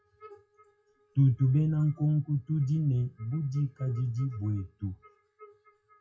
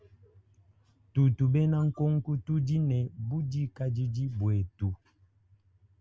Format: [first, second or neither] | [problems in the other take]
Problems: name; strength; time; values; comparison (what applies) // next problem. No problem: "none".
second | noise reduction (classical method WPE with log-MMSE)